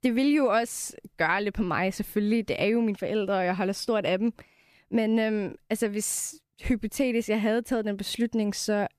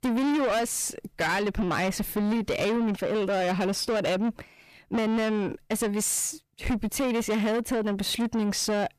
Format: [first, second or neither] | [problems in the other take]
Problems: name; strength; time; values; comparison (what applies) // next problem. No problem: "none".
first | distortion; heavy; 7 dB below the speech